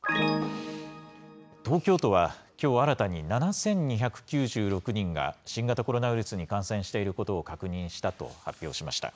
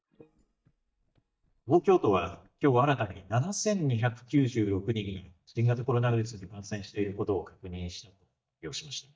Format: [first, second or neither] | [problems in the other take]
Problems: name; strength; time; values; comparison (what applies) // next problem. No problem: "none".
first | noise reduction (neural mask model DeepFilterNet 3)